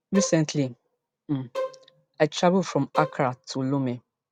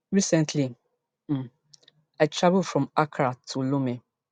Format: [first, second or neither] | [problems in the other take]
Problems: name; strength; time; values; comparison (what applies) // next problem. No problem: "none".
second | background sound (Bowed string instrument); 10 dB below the speech